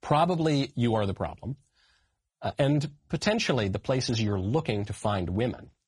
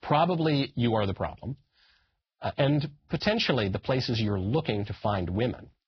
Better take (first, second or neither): first